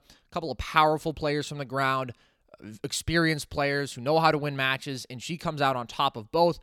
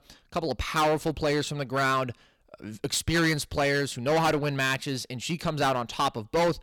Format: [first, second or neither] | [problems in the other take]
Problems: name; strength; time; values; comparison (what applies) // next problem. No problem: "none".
first | distortion; heavy; 11% of the sound clipped